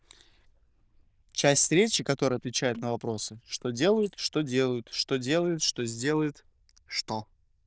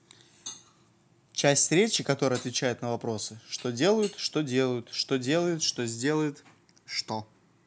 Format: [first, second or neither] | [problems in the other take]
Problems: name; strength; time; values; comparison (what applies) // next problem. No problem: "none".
second | noise reduction (neural diffusion model UNIVERSE++)